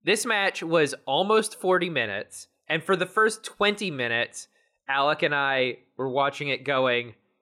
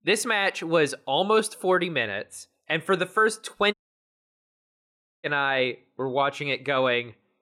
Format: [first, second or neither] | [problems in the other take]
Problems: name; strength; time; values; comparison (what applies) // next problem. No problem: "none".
first | audio cutting out; at 3.5 s for 1.5 s